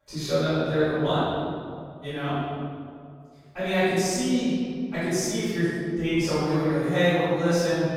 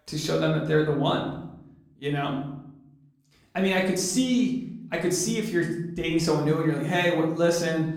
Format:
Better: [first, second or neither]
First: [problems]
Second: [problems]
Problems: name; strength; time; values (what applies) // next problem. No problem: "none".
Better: second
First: room echo; strong; dies away in 2.1 s // off-mic speech; far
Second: room echo; slight; dies away in 0.7 s // off-mic speech; far